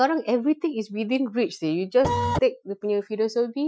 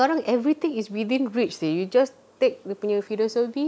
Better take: second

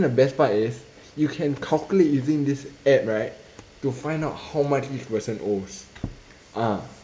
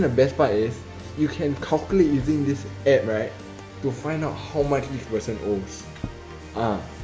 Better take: first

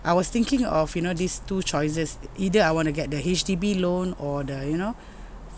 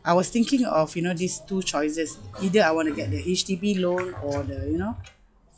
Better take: first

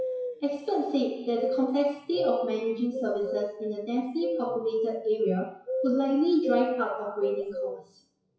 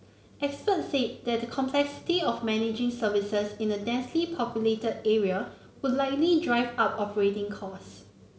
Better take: second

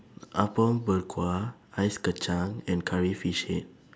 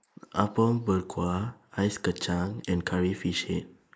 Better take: first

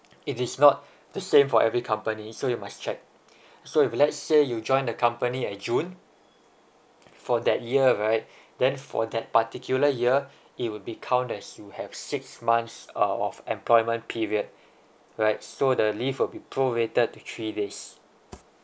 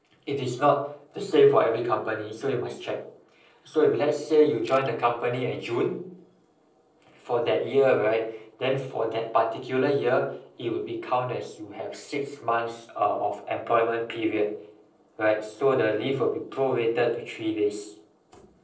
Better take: first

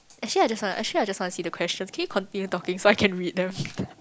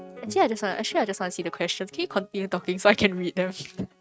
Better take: first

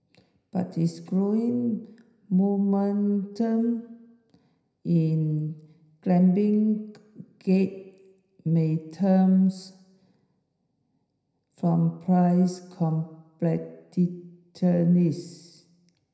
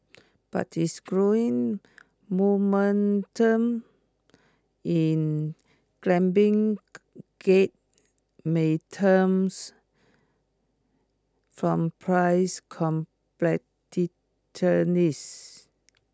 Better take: second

